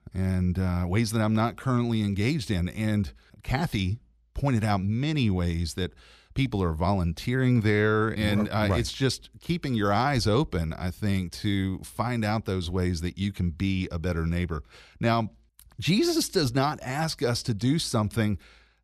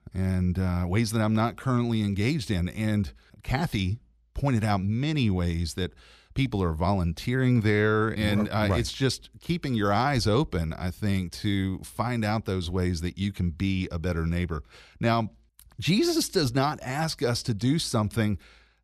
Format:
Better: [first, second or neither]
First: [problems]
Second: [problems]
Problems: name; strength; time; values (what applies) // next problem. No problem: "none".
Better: neither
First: none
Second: none